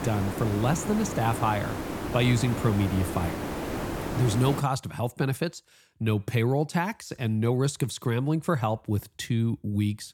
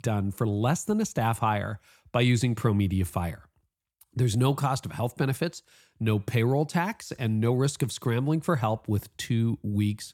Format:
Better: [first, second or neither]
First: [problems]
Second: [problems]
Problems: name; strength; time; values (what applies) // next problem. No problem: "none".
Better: second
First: hiss; loud; until 4.5 s; 6 dB below the speech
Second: none